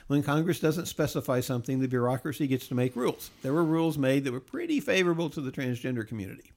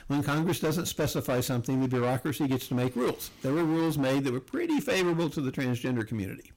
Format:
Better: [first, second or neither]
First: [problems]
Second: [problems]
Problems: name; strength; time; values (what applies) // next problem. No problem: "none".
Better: first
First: none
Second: distortion; heavy; 19% of the sound clipped